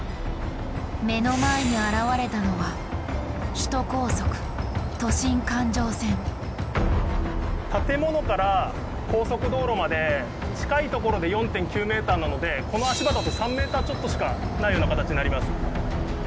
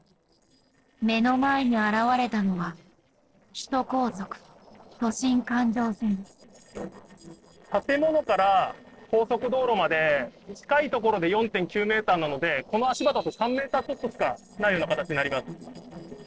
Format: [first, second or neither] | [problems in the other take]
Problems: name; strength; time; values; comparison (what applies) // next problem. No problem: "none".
first | noise reduction (neural separator model SepFormer DNS4)